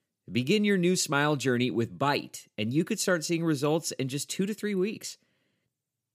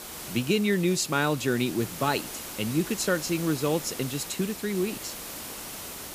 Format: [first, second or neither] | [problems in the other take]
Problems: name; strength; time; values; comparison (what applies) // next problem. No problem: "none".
first | hiss; loud; throughout; 9 dB below the speech